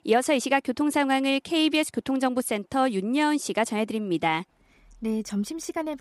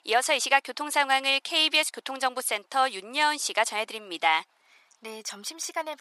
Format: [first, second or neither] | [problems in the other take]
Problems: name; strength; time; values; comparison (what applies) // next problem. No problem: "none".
first | thin; very; fading below 950 Hz